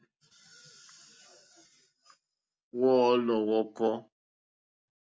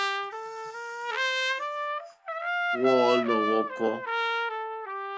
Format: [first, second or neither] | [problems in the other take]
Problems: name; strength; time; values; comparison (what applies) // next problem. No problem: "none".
first | background sound (Trumpet); 1 dB above the speech